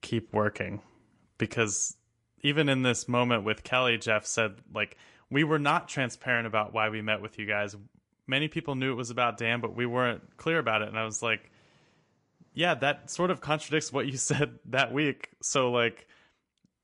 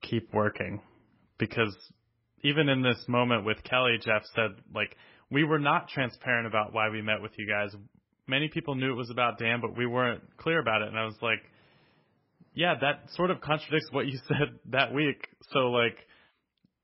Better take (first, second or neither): first